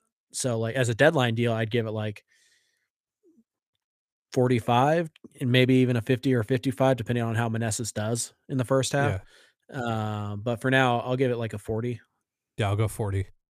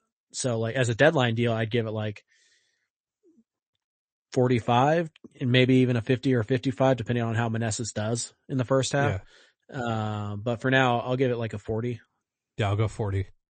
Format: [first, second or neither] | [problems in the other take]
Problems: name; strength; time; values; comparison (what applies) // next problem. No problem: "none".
first | garbled, watery; slightly; nothing above 8 kHz